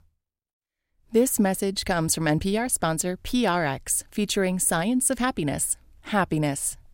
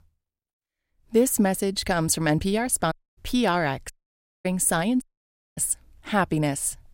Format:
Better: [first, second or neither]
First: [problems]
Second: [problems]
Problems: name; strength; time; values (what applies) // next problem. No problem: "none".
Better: first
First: none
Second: audio cutting out; at 3 s, at 4 s for 0.5 s and at 5 s for 0.5 s